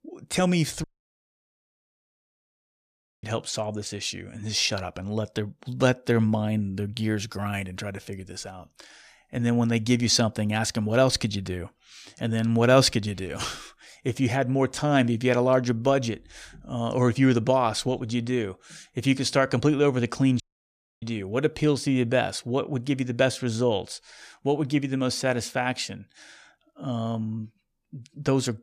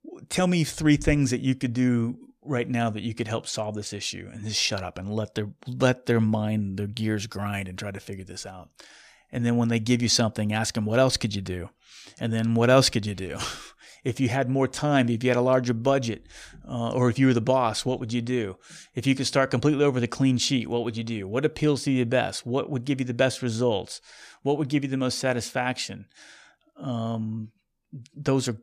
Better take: second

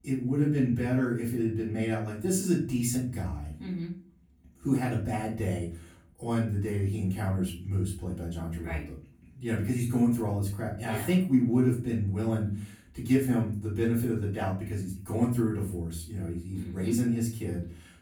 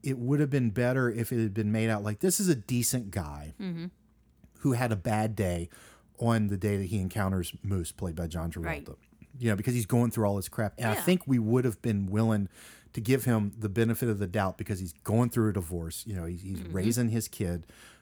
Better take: second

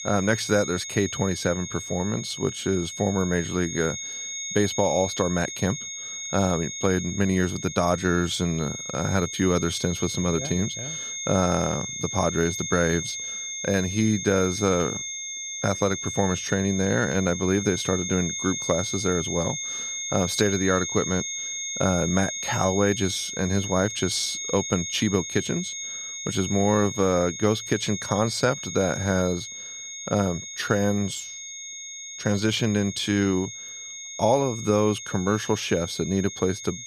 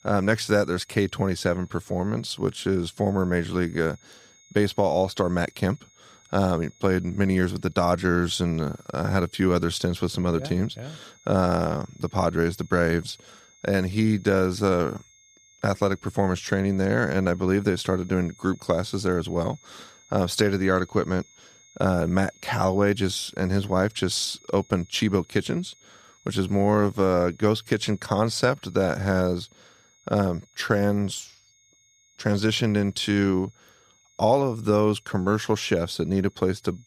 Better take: second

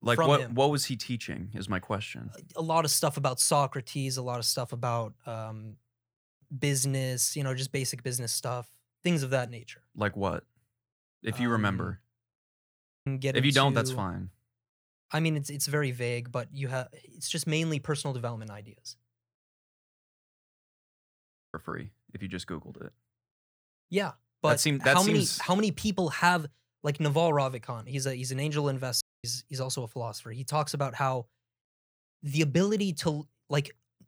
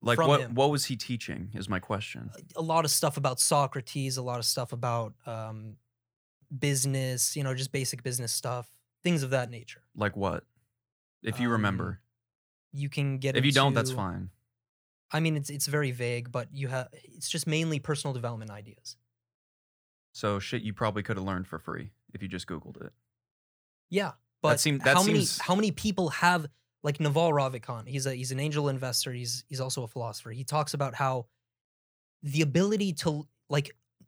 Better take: second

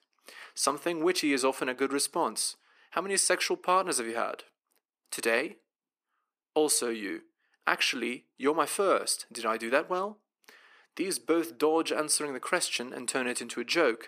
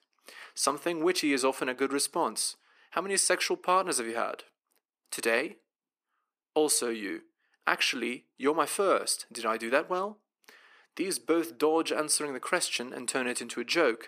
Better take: neither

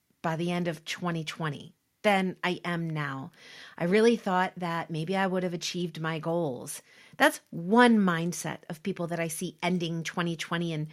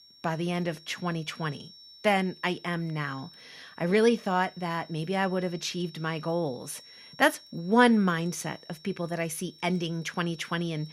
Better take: first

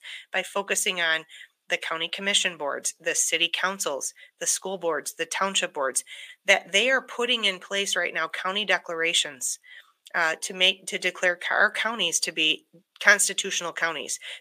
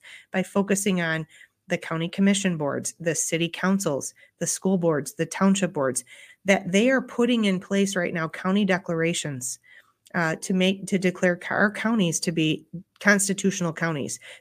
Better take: second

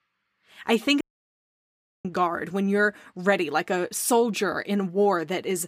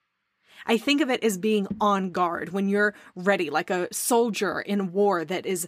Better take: second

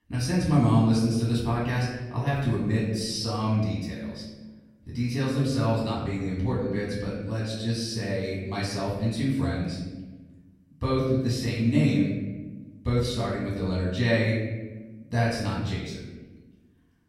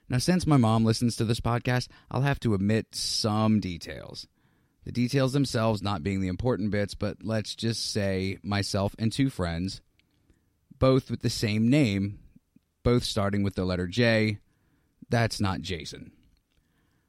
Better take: second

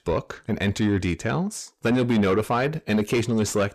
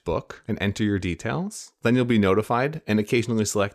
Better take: second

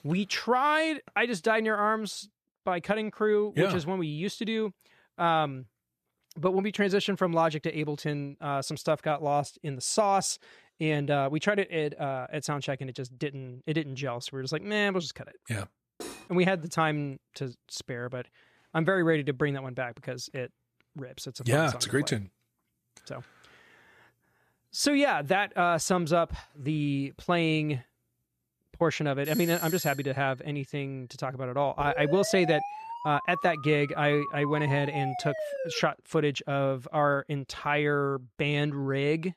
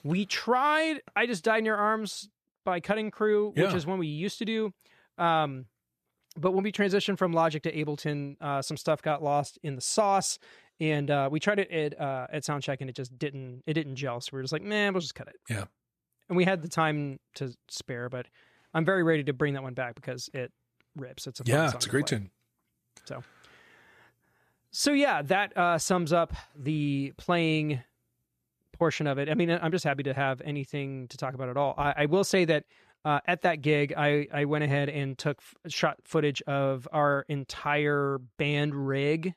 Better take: second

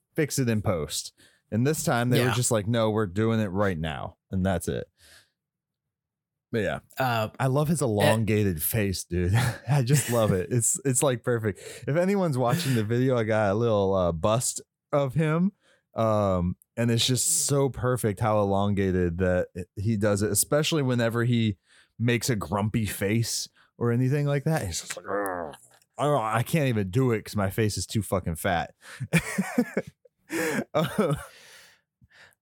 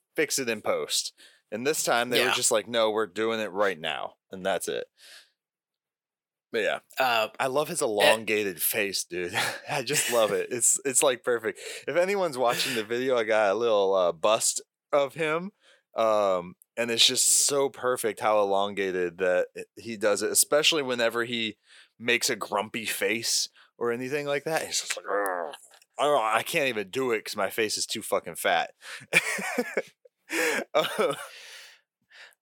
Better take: first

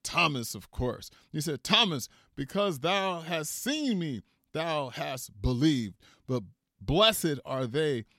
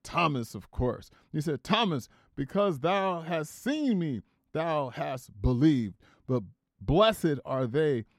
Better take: first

